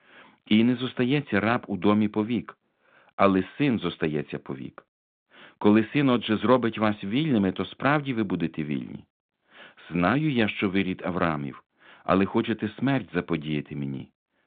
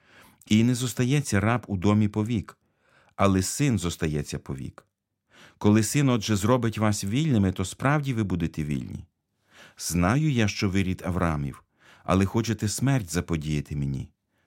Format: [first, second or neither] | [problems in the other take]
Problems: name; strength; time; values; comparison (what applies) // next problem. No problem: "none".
second | phone-call audio; nothing above 3.5 kHz